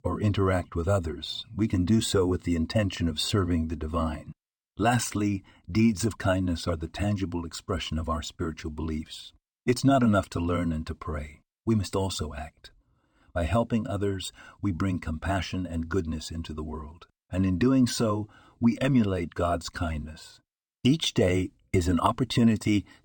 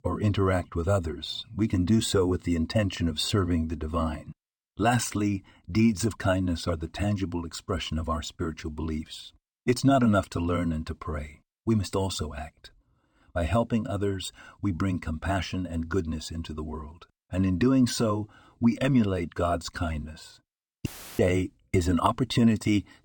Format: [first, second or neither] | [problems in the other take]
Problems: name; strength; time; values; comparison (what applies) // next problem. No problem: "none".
first | audio cutting out; filled with static; at 21 s